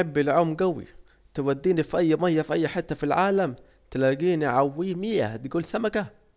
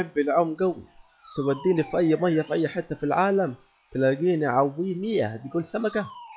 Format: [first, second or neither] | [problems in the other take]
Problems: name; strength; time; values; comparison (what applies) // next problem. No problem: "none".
first | noise reduction (classical method log-MMSE)